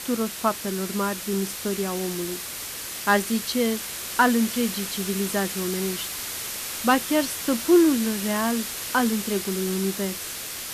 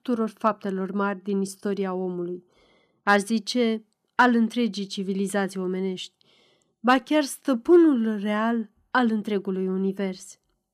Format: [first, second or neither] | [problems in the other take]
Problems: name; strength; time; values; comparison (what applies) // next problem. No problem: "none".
second | hiss; loud; throughout; 5 dB below the speech